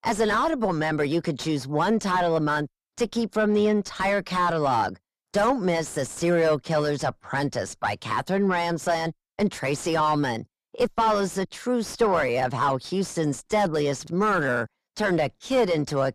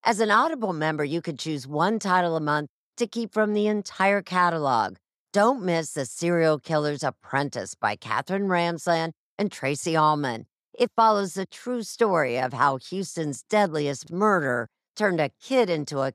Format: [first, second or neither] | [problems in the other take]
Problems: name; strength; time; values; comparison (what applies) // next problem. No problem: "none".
second | distortion; heavy; 6 dB below the speech